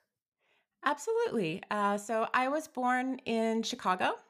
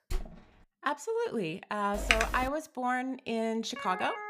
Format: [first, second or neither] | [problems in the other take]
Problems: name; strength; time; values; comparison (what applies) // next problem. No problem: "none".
first | door banging; noticeable; at the start; peak 9 dB below the speech // keyboard typing; loud; at 2 s; peak 5 dB above the speech // siren; noticeable; at 4 s; peak 6 dB below the speech